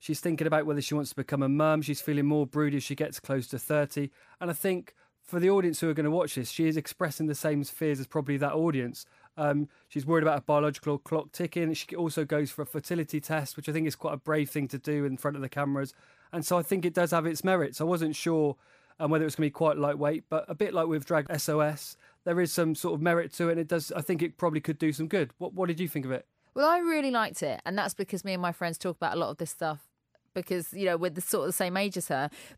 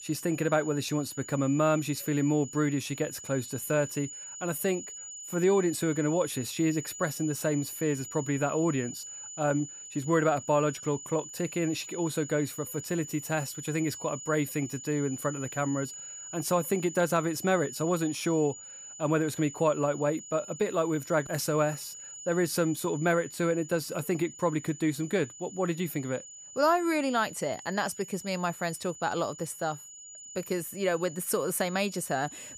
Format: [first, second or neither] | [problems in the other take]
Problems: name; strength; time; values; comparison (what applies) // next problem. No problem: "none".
first | high-pitched whine; noticeable; throughout; 7 kHz, 10 dB below the speech